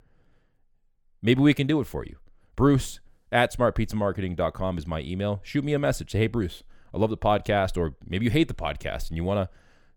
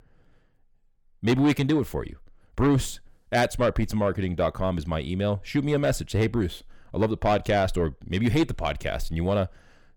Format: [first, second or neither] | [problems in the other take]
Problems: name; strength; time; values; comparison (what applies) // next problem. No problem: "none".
first | distortion; slight; 10 dB below the speech